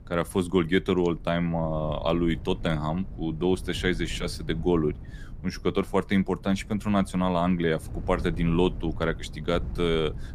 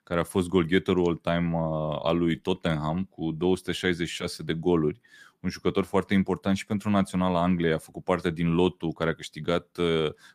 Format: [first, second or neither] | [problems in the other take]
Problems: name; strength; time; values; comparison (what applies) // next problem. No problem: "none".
second | wind noise on the microphone; occasional gusts; 25 dB below the speech